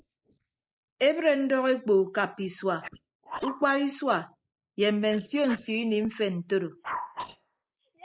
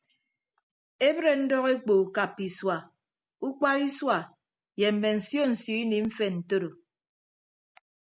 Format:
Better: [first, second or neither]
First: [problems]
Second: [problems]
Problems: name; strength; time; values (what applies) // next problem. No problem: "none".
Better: second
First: noise reduction (neural mask model Resemble Enhance denoiser)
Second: none